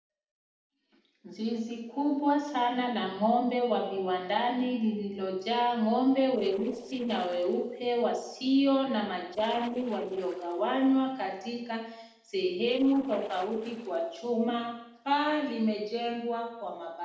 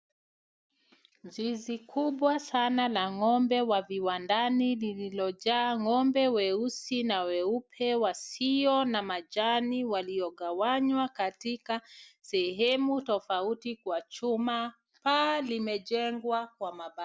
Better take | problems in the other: second | noise reduction (neural separator model SepFormer DNS4)

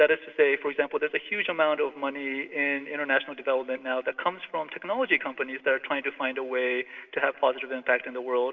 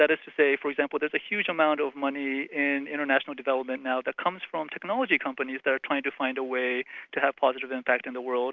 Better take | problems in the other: second | room echo; dies away in 1 s

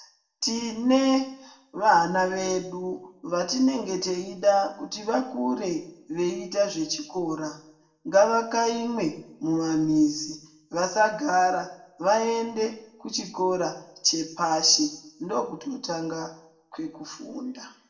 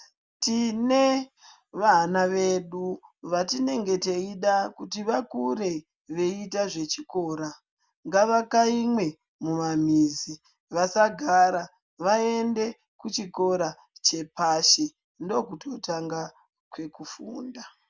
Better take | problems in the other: second | room echo; dies away in 0.5 s

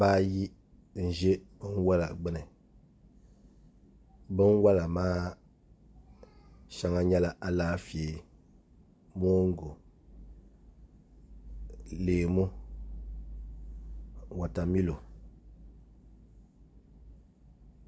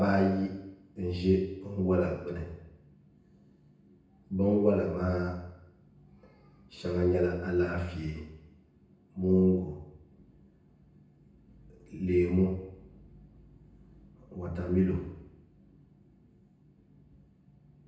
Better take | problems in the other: first | room echo; dies away in 0.9 s

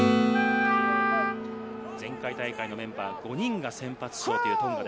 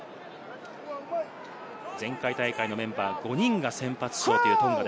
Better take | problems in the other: second | background sound (Acoustic guitar / Strum + Wind instrument, woodwind instrument); 4 dB above the speech

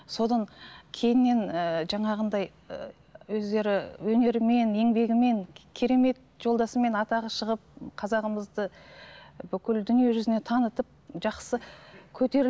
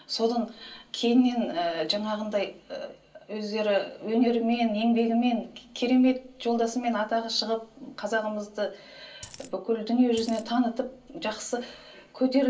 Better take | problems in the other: first | background sound (Coin (dropping)); 18 dB below the speech // room echo; dies away in 0.3 s

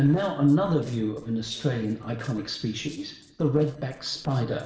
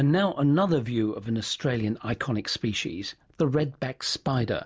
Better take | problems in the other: second | noise reduction (neural separator model SepFormer DNS4)

